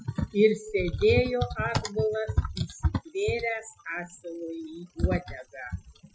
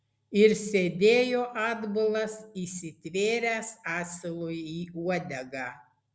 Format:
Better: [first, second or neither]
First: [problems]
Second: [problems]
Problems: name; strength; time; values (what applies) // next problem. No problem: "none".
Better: second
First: noise reduction (classical method Wiener filter)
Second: none